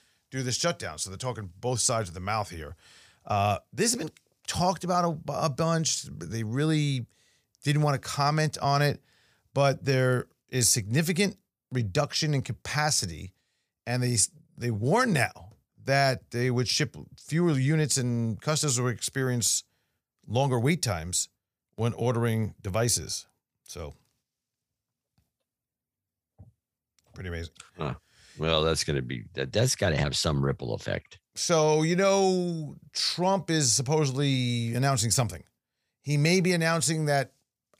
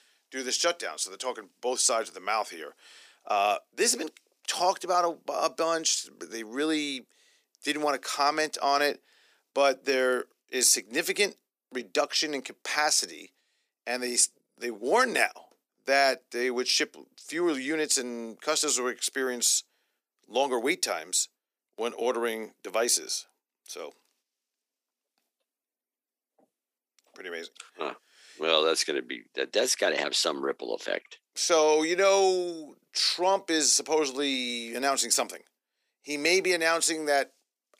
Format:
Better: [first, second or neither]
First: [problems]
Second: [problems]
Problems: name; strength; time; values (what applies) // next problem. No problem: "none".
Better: first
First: none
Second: thin; somewhat; fading below 300 Hz